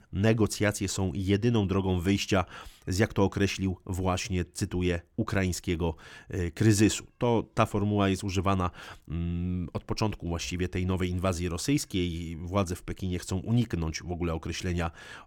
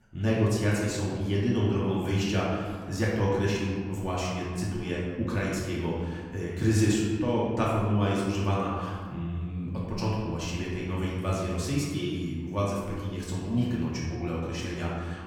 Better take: first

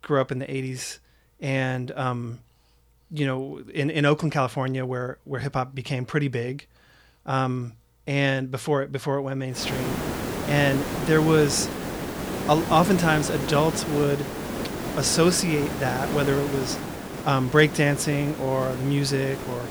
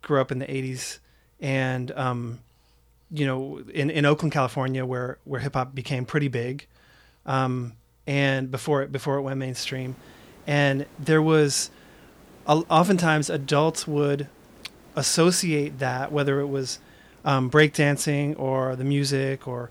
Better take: second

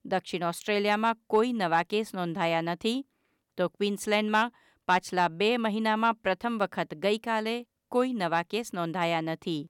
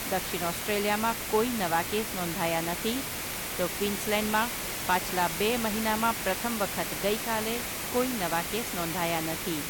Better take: first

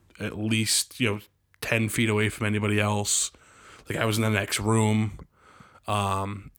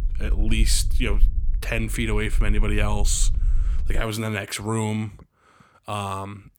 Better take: first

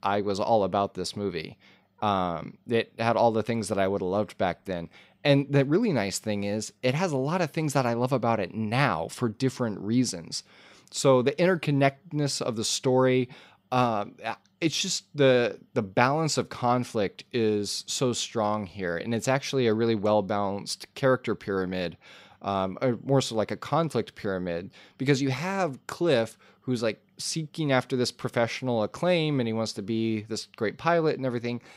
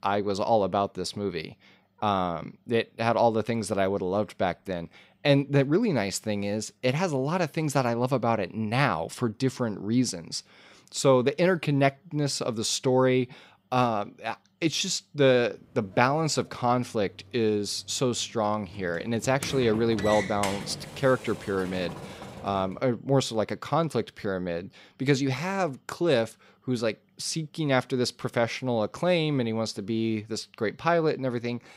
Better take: first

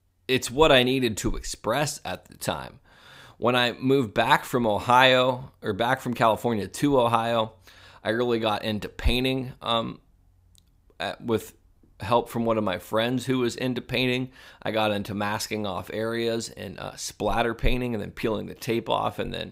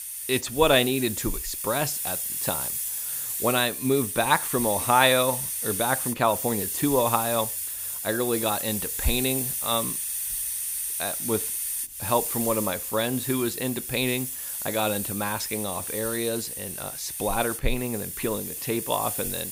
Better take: first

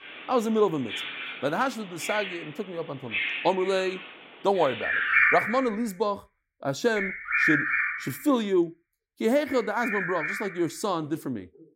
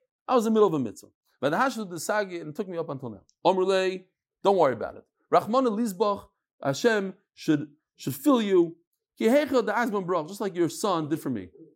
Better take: second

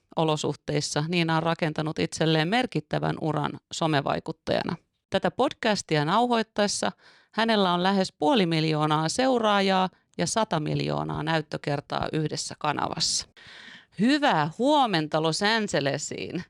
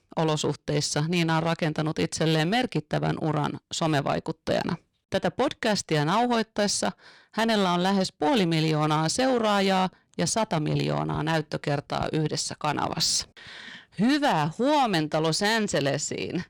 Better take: first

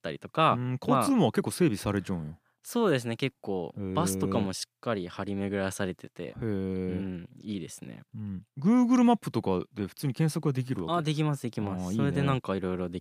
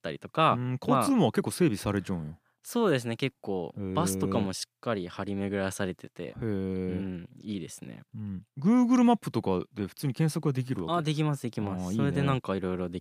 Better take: neither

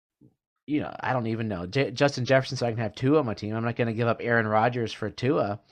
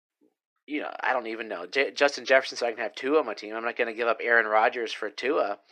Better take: first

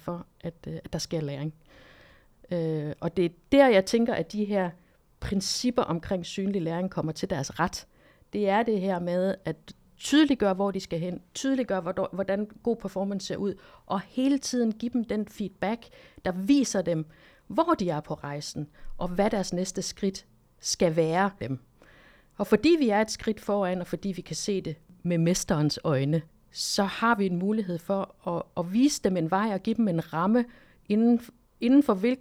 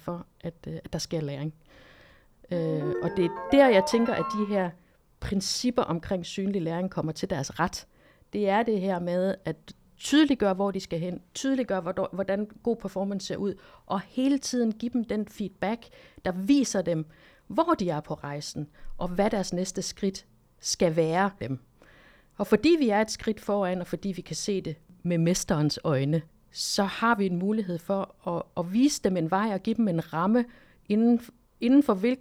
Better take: first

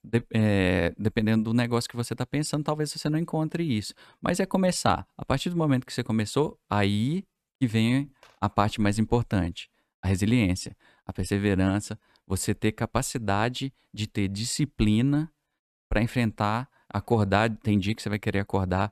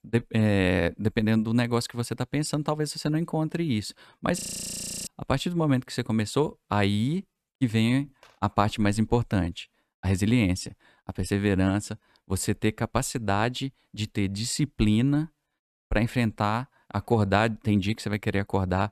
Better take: first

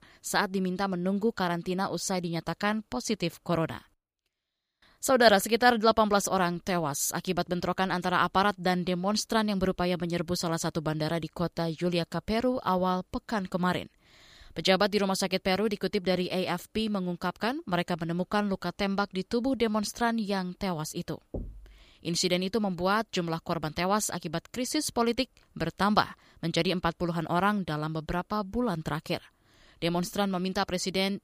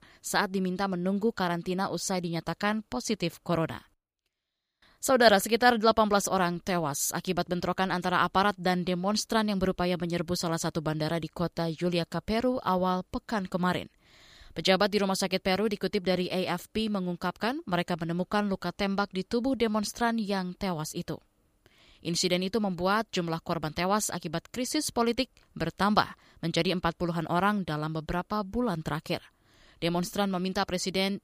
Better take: second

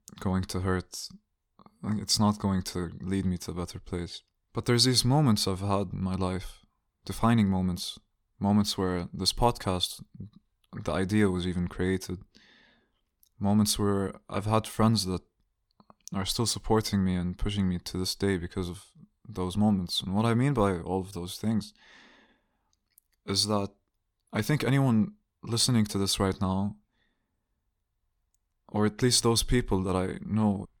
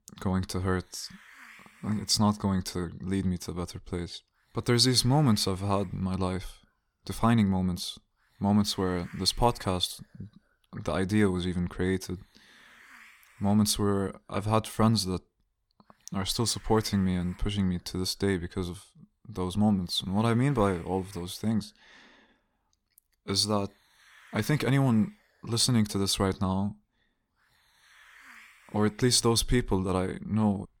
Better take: first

